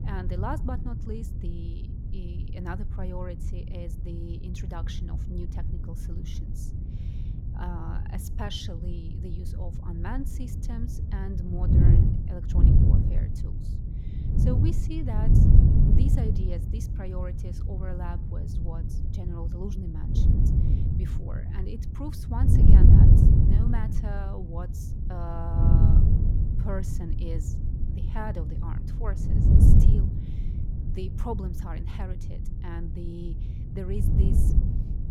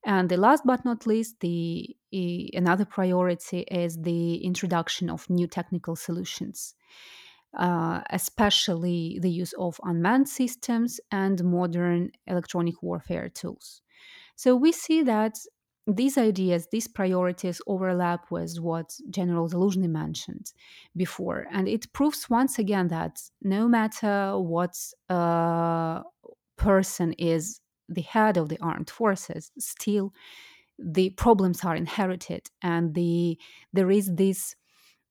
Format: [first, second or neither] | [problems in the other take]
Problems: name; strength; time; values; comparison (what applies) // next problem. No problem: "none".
second | wind noise on the microphone; heavy; 2 dB above the speech